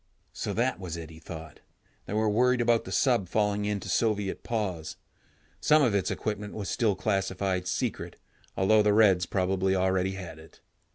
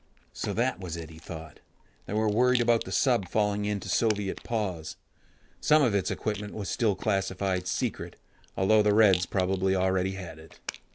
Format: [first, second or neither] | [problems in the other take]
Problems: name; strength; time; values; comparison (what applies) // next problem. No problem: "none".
first | background sound (Rattle); 17 dB below the speech